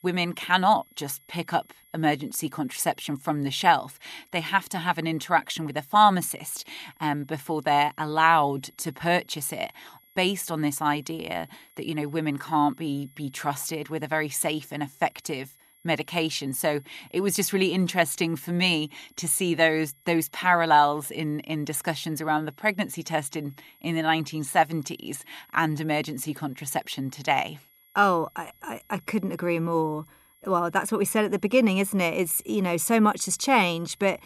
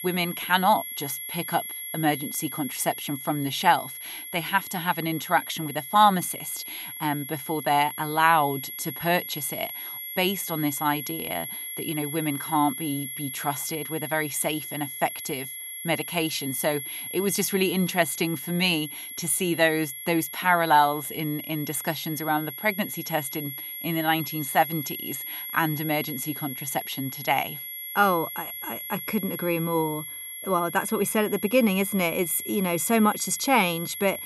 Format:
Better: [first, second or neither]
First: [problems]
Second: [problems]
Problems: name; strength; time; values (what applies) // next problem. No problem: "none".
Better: first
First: high-pitched whine; faint; throughout; 11.5 kHz, 30 dB below the speech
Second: high-pitched whine; loud; throughout; 11.5 kHz, 8 dB below the speech